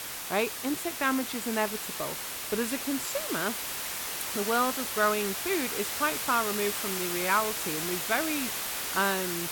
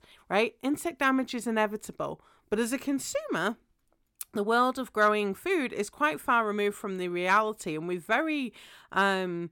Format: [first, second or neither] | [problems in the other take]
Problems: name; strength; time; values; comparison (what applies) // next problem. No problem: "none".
second | hiss; loud; throughout; 1 dB below the speech